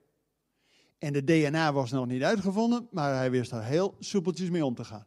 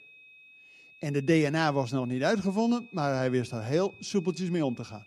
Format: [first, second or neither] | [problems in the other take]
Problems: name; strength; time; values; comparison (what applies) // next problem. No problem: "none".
first | high-pitched whine; faint; throughout; 2.5 kHz, 25 dB below the speech